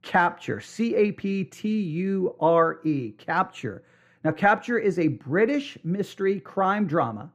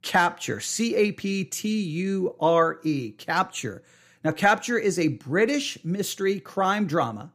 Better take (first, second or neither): second